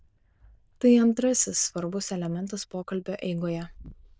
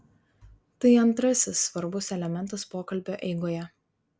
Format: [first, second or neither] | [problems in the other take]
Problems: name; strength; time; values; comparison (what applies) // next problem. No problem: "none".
second | noise reduction (neural diffusion model UNIVERSE++)